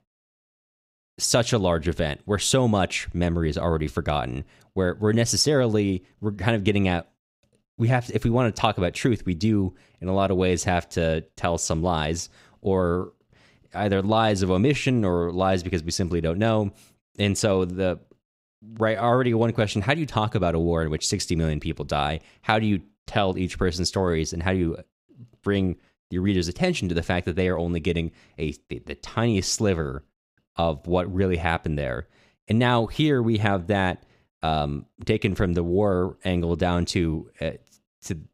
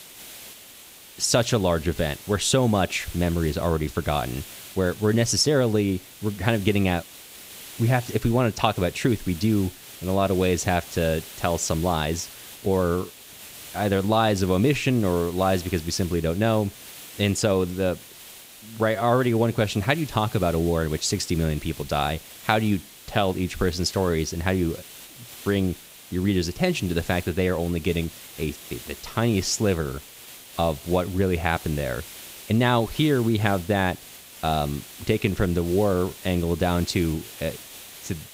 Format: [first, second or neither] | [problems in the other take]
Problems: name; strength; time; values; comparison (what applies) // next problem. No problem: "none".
first | hiss; noticeable; throughout; 15 dB below the speech